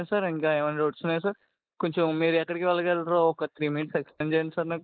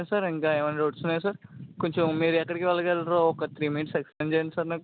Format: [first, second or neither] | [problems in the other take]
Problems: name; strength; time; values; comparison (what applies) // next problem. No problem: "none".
second | noise reduction (neural mask model Resemble Enhance denoiser)